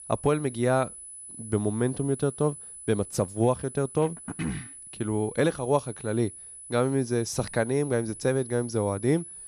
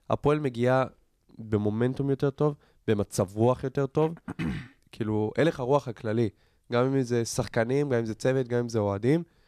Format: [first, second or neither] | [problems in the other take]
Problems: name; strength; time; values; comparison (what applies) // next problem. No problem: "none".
second | high-pitched whine; noticeable; throughout; 10 kHz, 15 dB below the speech